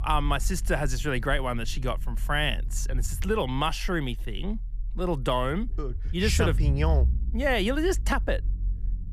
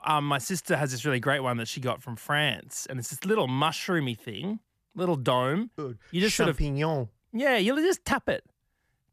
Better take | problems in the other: second | low rumble; faint; throughout; 20 dB below the speech

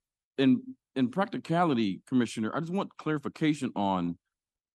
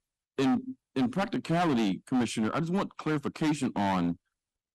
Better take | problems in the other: first | distortion; heavy; 14% of the sound clipped

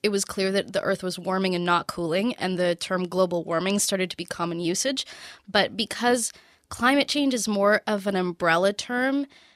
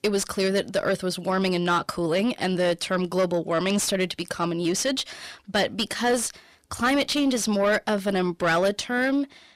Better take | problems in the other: first | distortion; slight; 10 dB below the speech

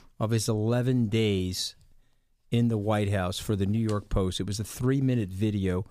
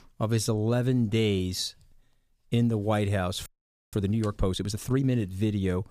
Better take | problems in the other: first | audio freezing; at 3.5 s

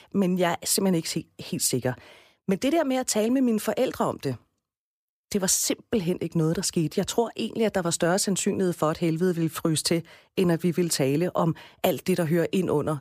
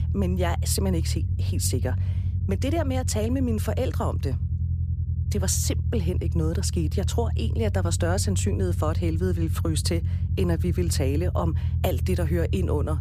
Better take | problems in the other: first | low rumble; noticeable; throughout; 10 dB below the speech

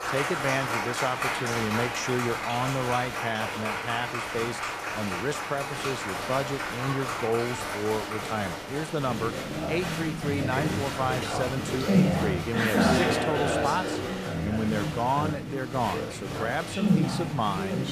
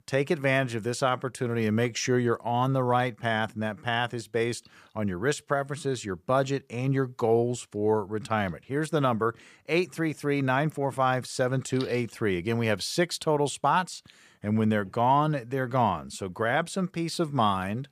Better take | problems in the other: second | crowd noise; very loud; throughout; 1 dB above the speech

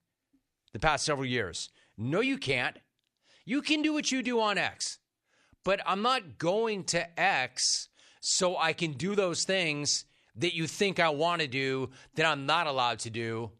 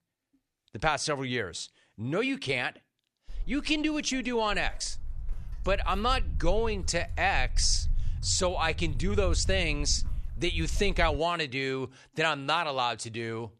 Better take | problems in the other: first | footsteps; noticeable; from 3.5 to 11 s; peak 2 dB below the speech

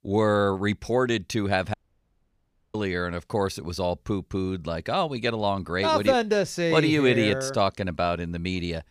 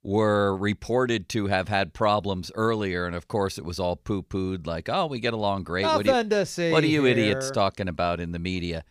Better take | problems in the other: second | audio cutting out; at 1.5 s for 1 s

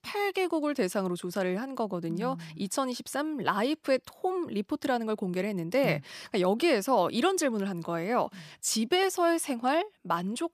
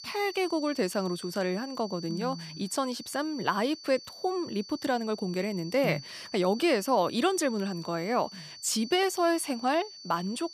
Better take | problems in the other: first | high-pitched whine; noticeable; throughout; 4.5 kHz, 15 dB below the speech

